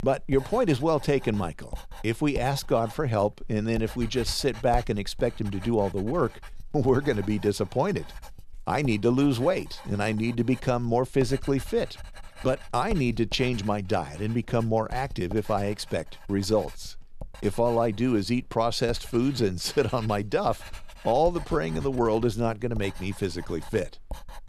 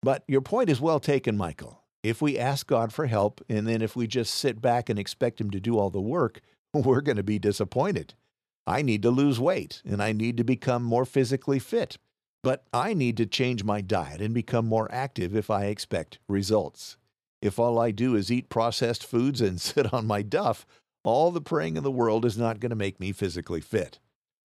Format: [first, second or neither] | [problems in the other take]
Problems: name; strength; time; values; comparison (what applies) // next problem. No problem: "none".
second | household noises; noticeable; throughout; 20 dB below the speech